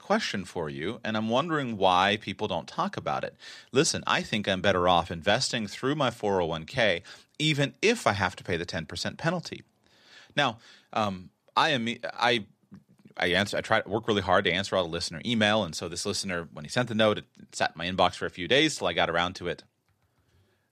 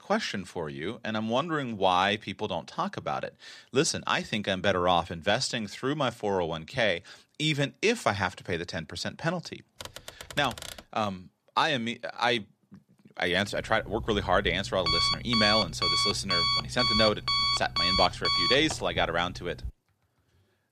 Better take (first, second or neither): first